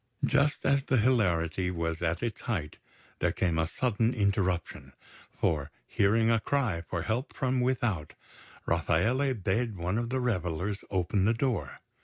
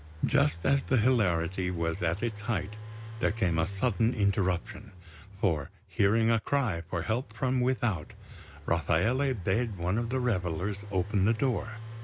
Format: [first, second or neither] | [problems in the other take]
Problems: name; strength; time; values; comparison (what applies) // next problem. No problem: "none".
first | background sound (Engine); 13 dB below the speech